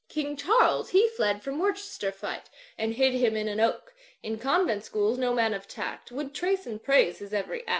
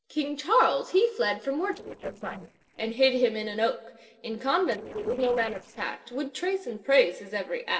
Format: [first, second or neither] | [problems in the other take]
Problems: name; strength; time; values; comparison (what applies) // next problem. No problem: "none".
first | noise reduction (neural separator model SepFormer DNS4)